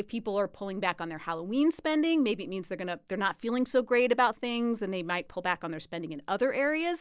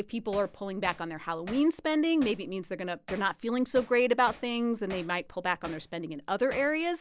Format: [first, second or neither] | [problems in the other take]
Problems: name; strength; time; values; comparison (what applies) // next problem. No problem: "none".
first | background sound (Hammer); 20 dB below the speech